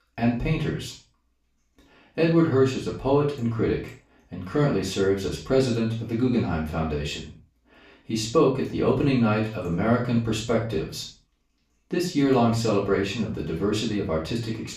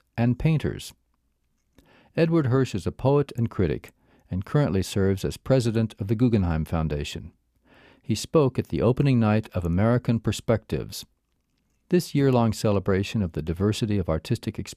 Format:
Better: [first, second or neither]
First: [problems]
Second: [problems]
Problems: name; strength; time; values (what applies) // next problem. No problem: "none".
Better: second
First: room echo; noticeable; dies away in 0.3 s // off-mic speech; far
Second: none